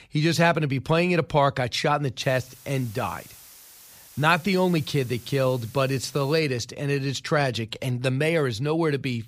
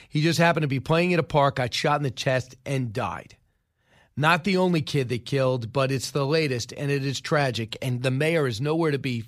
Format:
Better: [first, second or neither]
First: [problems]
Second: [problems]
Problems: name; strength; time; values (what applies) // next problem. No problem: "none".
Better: second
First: hiss; faint; from 2 to 6.5 s; 20 dB below the speech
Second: none